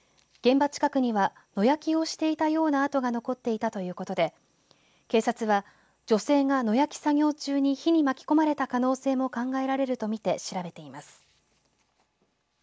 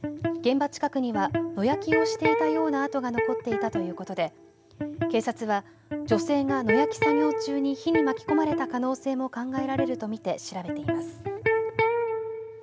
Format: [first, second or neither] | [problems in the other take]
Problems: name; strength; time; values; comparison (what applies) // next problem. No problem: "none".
first | background sound (Electric guitar); 1 dB below the speech